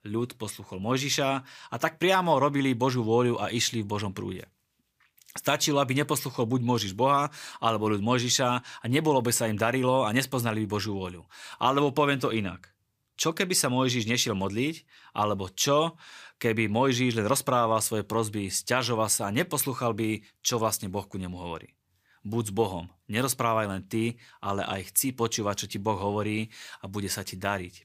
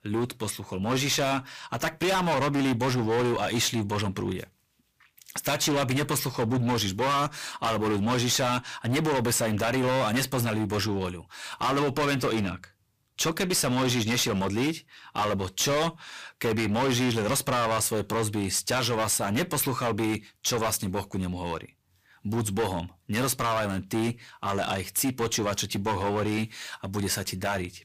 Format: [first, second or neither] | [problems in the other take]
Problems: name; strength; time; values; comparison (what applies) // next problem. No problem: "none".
first | distortion; heavy; 19% of the sound clipped